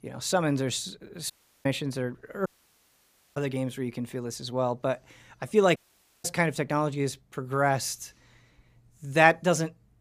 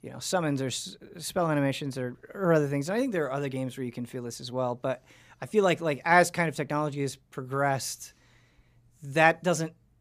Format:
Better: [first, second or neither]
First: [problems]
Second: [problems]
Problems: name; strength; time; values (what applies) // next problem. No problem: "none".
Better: second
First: audio cutting out; at 1.5 s, at 2.5 s for 1 s and at 6 s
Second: none